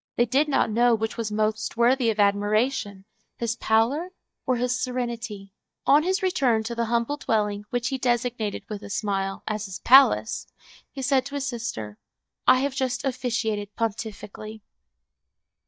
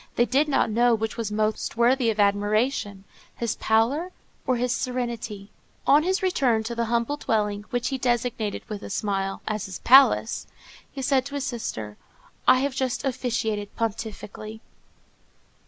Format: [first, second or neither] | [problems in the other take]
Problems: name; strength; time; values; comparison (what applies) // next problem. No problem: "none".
second | noise reduction (neural mask model DeepFilterNet 3)